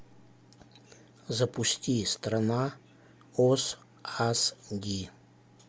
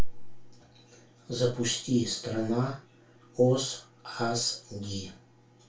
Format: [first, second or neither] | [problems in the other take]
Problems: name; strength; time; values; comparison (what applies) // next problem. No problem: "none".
first | room echo; dies away in 0.2 s